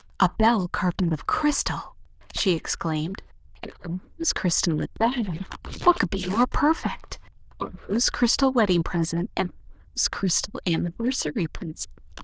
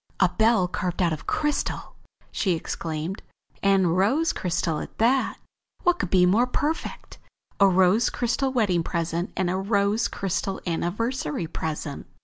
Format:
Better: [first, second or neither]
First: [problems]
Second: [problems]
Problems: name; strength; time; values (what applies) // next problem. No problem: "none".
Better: second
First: noise reduction (neural diffusion model UNIVERSE++)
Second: none